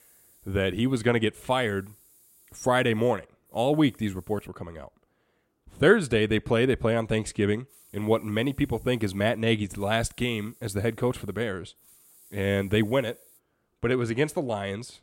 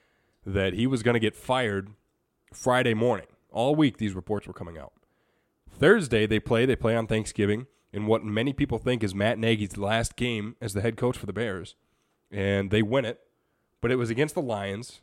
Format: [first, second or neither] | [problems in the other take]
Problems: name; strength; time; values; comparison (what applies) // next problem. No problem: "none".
second | hiss; faint; until 4.5 s and from 7.5 to 13 s; 30 dB below the speech